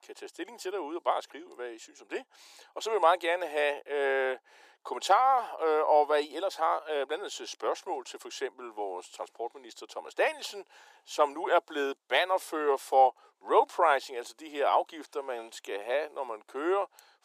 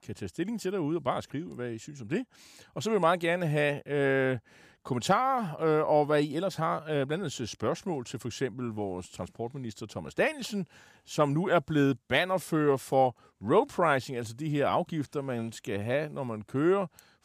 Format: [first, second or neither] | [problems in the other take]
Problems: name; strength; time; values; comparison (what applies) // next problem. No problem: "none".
second | thin; very; fading below 350 Hz